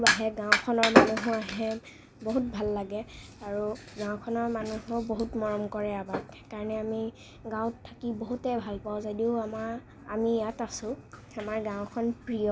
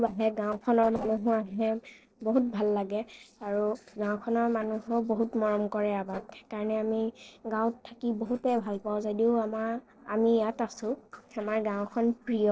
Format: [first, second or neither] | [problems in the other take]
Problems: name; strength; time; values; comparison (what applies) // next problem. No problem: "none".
first | noise reduction (neural separator model SepFormer DNS4)